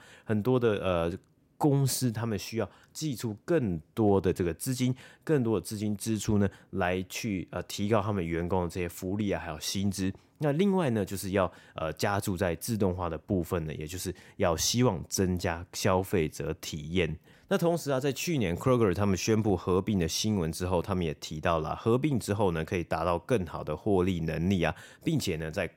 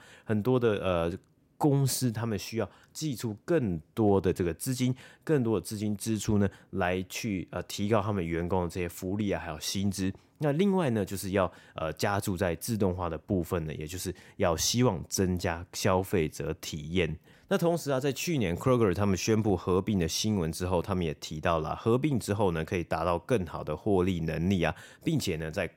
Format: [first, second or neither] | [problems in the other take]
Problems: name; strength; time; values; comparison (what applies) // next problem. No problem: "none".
neither | none